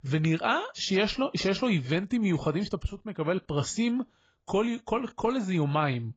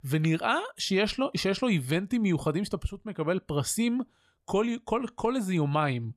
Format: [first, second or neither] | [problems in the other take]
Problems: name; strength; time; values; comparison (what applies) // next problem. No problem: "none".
second | garbled, watery; badly; nothing above 7.5 kHz